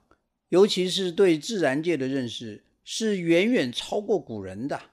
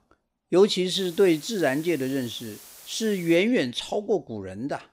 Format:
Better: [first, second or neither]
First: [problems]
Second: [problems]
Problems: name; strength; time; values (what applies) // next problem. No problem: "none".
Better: first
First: none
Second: hiss; noticeable; from 1 to 3.5 s; 20 dB below the speech